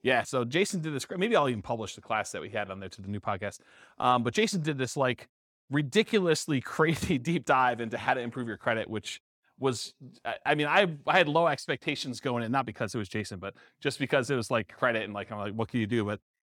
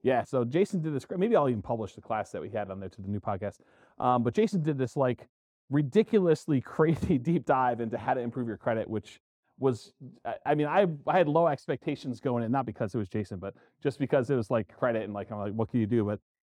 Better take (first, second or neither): first